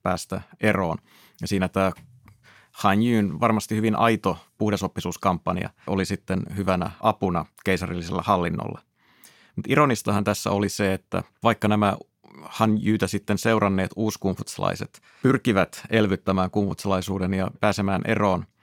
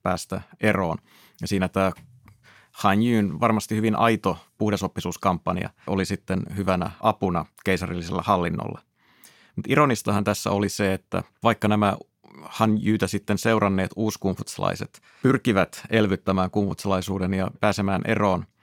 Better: neither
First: none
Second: none

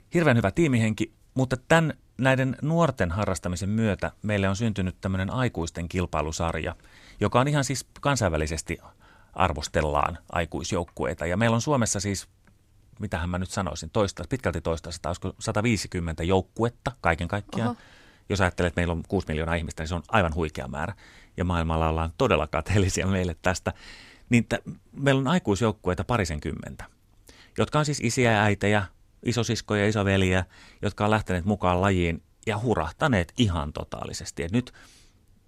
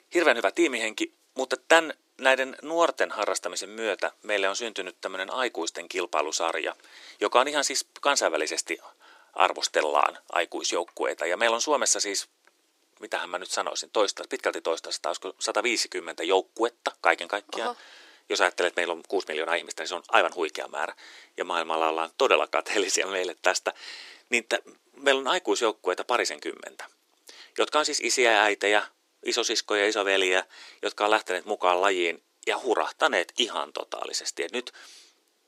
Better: first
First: none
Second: thin; very; fading below 350 Hz

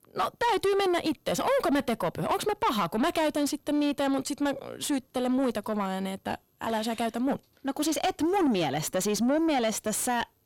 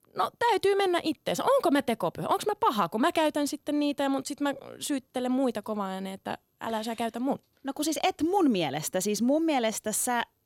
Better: second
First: distortion; slight; 10 dB below the speech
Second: none

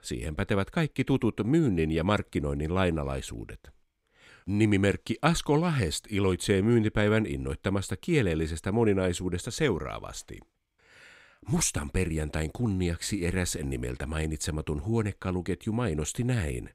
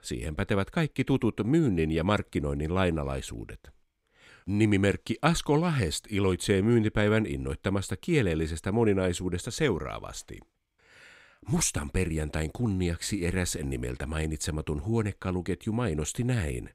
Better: neither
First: none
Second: none

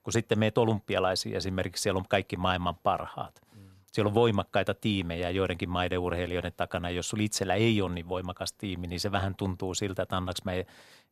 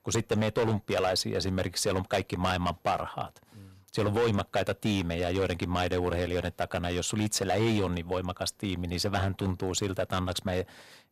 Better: first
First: none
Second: distortion; heavy; 7% of the sound clipped

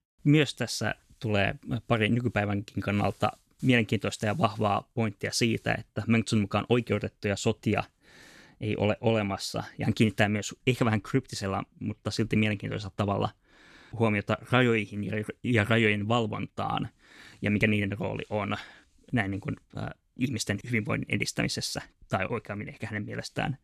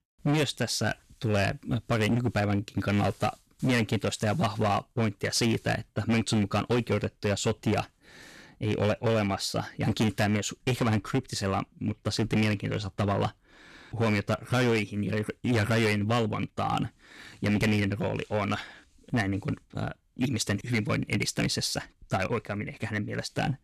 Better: first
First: none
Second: distortion; heavy; 9% of the sound clipped

